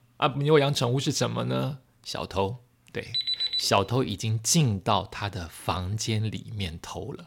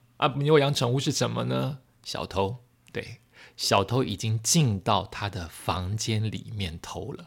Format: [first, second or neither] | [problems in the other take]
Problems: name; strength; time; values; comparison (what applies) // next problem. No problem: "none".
second | alarm; loud; at 3 s; peak 2 dB above the speech